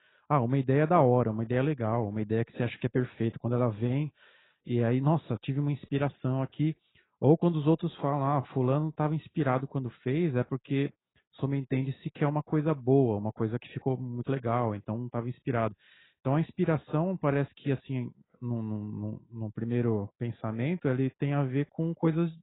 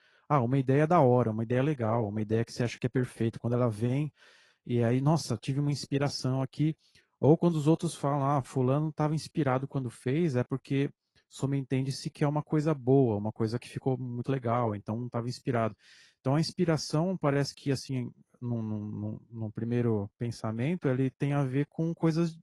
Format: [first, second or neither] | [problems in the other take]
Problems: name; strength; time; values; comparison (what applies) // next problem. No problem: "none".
second | garbled, watery; badly; nothing above 4 kHz; slightly in the second